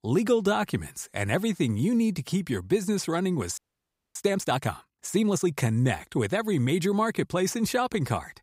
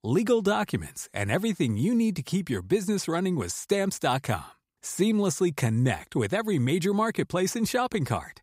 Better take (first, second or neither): second